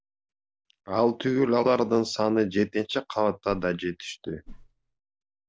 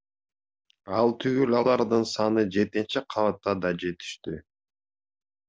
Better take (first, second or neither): second